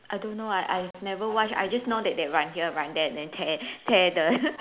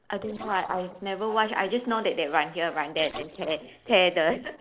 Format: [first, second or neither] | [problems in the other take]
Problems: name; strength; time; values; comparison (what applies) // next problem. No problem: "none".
first | noise reduction (neural separator model SepFormer DNS4)